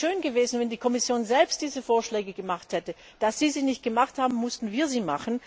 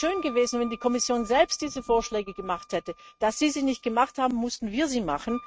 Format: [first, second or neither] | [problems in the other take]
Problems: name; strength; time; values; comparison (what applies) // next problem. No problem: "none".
first | noise reduction (neural mask model RNNoise)